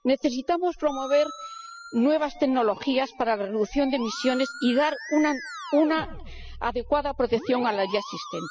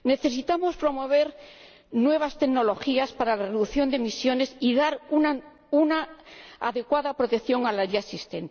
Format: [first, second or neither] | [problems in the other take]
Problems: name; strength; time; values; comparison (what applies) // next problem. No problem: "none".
second | noise reduction (classical method spectral subtraction)